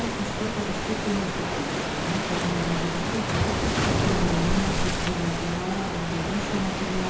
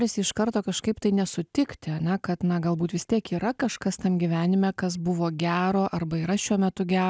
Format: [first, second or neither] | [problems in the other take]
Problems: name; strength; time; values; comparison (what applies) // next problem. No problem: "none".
second | background sound (Waves, surf); 3 dB above the speech // room echo; dies away in 0.6 s